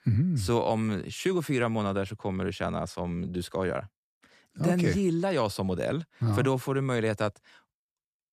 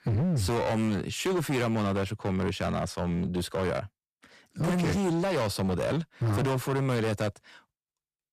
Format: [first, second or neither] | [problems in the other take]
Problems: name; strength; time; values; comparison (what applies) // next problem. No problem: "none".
first | distortion; heavy; 23% of the sound clipped